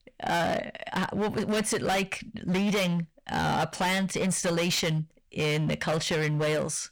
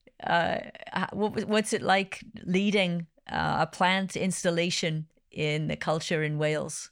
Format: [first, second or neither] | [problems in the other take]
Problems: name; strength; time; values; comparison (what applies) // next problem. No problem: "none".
second | distortion; heavy; 23% of the sound clipped